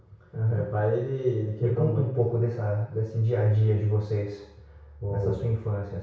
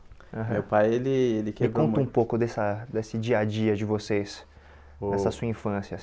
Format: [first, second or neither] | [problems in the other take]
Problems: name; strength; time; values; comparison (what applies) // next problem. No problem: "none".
second | room echo; dies away in 0.6 s